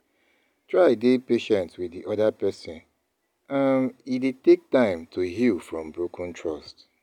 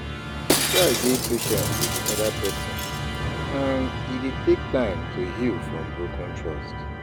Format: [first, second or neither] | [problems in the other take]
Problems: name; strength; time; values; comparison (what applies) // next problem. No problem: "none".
first | background sound (Musical instrument + Shatter); as loud as the speech